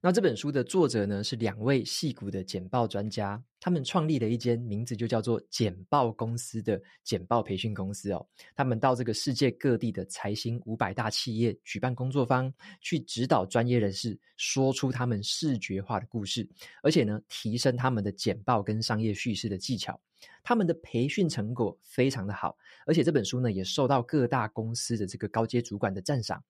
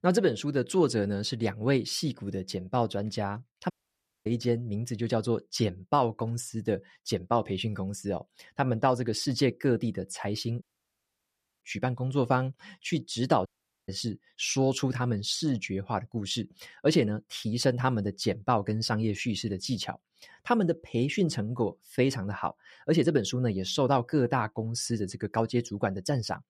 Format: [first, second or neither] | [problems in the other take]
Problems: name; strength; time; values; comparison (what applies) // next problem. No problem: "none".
first | audio cutting out; at 3.5 s for 0.5 s, at 11 s for 1 s and at 13 s